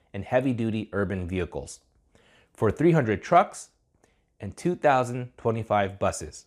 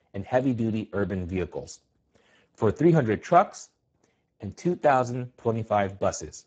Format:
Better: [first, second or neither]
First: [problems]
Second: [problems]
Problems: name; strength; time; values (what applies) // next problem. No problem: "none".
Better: first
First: none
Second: garbled, watery; badly; nothing above 7.5 kHz